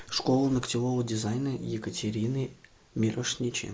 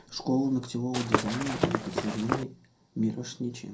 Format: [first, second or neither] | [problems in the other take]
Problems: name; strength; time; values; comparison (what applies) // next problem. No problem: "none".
first | background sound (Walk, footsteps / Run); 1 dB above the speech // room echo; dies away in 0.2 s